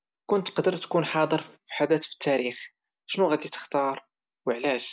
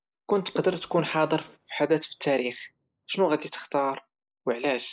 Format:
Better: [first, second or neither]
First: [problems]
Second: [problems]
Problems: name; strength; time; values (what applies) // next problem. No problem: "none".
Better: first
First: none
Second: noise reduction (neural mask model Resemble Enhance denoiser)